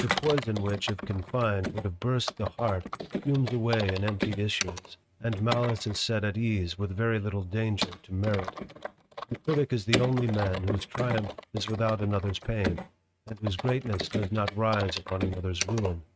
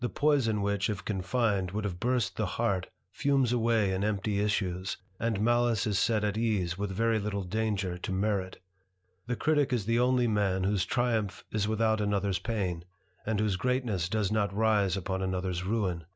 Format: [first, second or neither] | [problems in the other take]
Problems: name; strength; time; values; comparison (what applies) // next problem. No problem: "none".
second | noise reduction (neural mask model RNNoise)